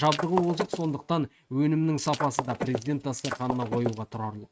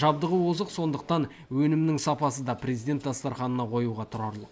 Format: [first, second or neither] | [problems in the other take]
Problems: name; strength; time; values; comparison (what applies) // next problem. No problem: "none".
second | noise reduction (neural mask model RNNoise)